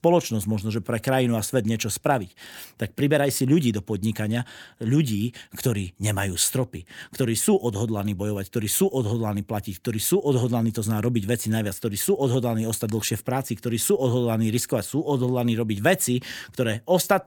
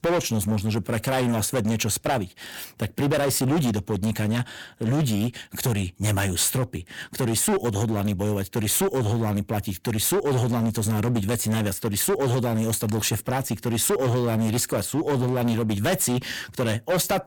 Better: first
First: none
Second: distortion; heavy; 18% of the sound clipped

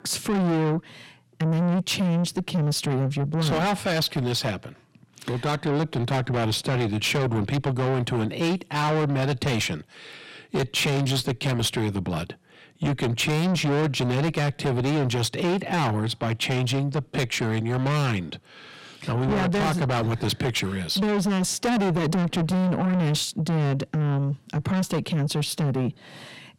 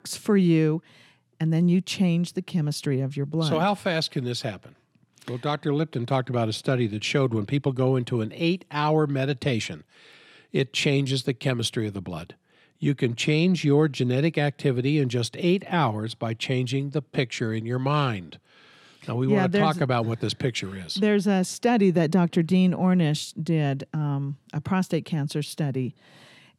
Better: second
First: distortion; heavy; 5 dB below the speech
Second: none

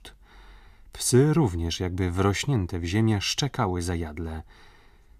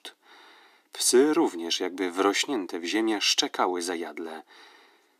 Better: first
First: none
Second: thin; somewhat; fading below 300 Hz

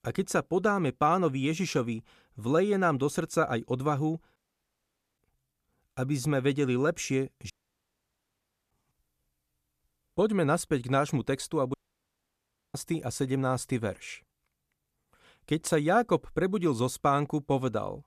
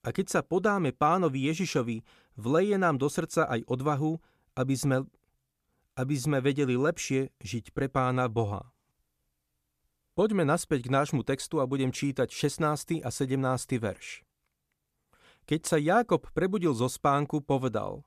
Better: second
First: audio cutting out; at 4.5 s for 1 s, at 7.5 s for 1 s and at 12 s for 1 s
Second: none

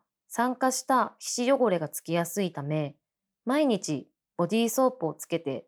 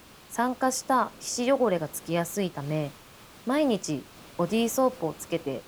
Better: first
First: none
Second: hiss; faint; throughout; 20 dB below the speech

